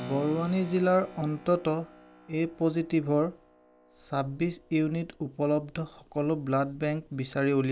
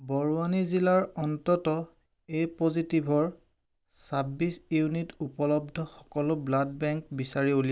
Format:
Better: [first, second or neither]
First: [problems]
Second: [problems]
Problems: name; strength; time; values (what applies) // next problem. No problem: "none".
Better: second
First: background sound (Keyboard (musical)); 20 dB below the speech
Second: none